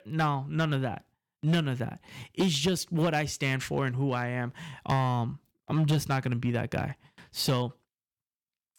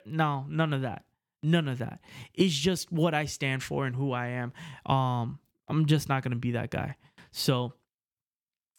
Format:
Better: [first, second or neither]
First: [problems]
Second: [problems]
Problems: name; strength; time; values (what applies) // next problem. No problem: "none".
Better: second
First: distortion; slight; 4% of the sound clipped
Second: none